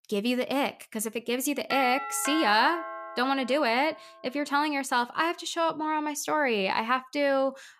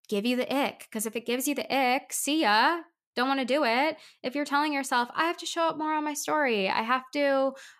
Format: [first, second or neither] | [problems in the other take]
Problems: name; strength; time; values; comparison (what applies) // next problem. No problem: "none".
second | doorbell; noticeable; from 1.5 to 4 s; peak 4 dB below the speech